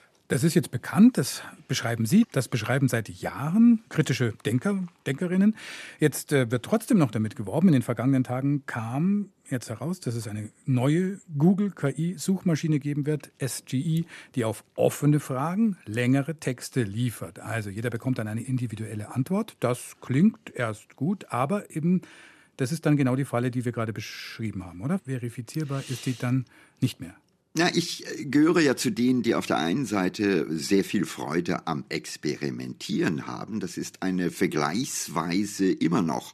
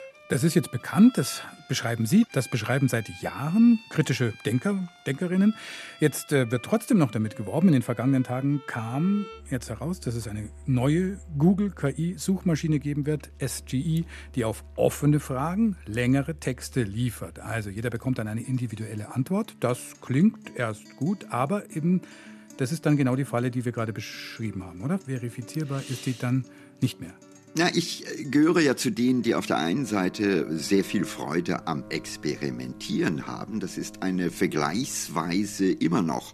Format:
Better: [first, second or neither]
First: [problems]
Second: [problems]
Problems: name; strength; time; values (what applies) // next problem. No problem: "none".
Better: first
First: none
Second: background music; faint; throughout; 20 dB below the speech